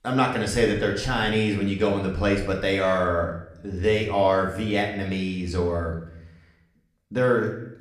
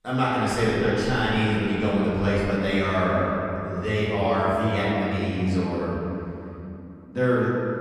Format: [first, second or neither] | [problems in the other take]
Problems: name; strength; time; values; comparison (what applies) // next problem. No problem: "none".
first | room echo; strong; dies away in 3 s; slight in the first // off-mic speech; far; somewhat distant in the first